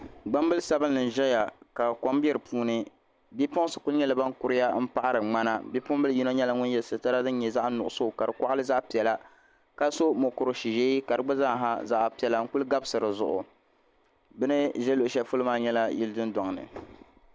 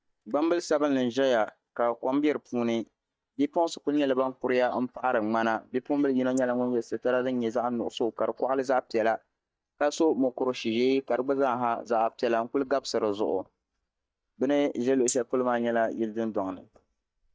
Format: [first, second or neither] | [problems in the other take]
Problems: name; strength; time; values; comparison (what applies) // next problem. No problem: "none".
first | noise reduction (neural mask model DeepFilterNet 3)